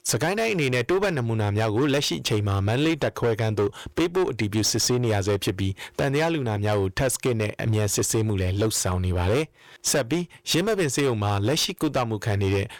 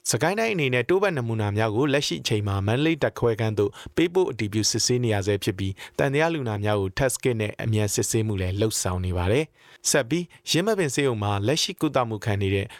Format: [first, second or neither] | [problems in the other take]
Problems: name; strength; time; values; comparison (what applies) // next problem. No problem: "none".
second | distortion; slight; 17% of the sound clipped